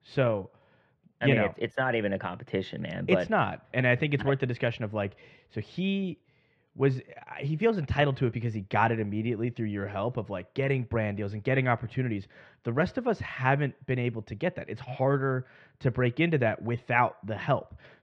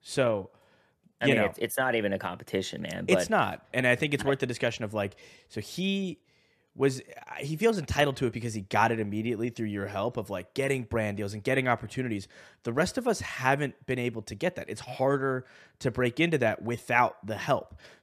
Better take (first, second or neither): second